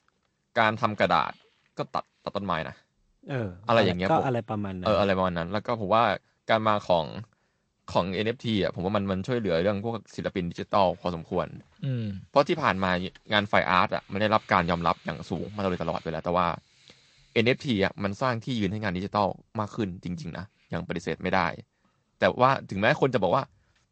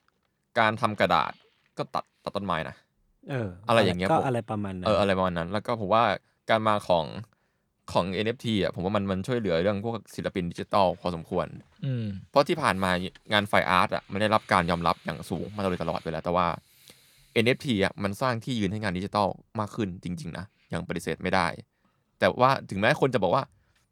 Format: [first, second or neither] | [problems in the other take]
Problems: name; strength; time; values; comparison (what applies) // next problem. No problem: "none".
second | garbled, watery; slightly; nothing above 8 kHz